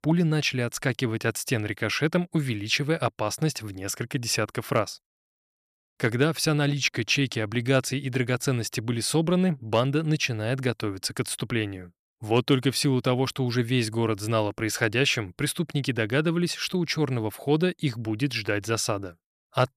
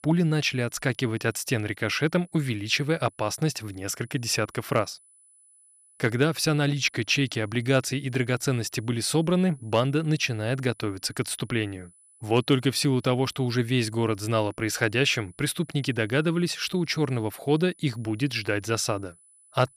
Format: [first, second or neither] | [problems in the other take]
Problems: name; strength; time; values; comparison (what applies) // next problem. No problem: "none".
first | high-pitched whine; faint; throughout; 10 kHz, 30 dB below the speech